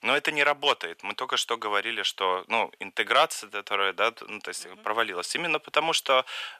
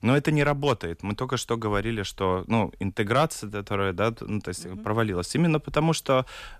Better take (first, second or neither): second